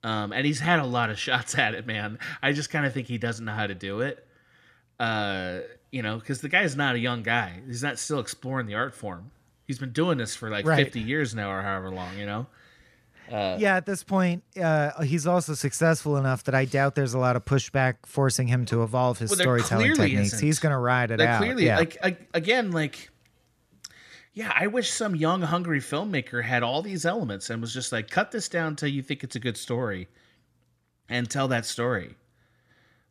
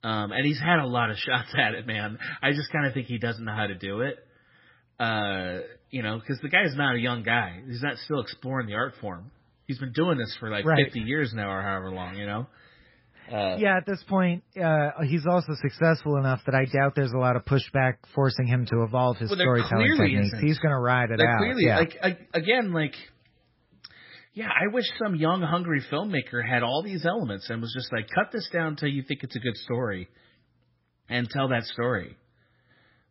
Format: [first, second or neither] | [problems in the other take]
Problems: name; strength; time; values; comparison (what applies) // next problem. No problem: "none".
first | garbled, watery; badly; nothing above 5.5 kHz